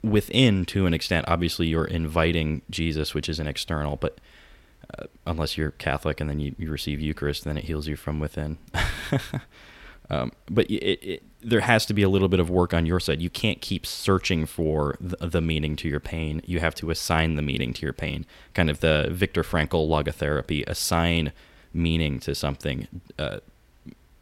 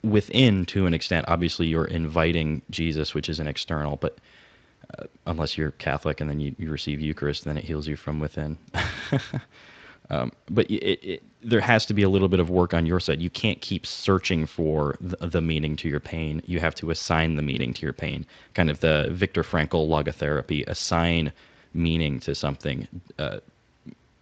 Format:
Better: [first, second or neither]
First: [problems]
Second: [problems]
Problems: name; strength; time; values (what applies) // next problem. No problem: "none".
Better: first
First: none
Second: garbled, watery; slightly; nothing above 7.5 kHz